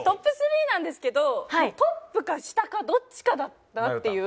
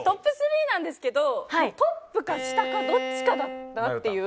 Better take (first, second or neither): first